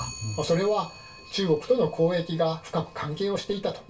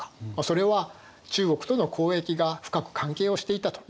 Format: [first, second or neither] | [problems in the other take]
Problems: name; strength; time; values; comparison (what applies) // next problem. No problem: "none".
second | background sound (Clock); 18 dB below the speech // room echo; dies away in 0.2 s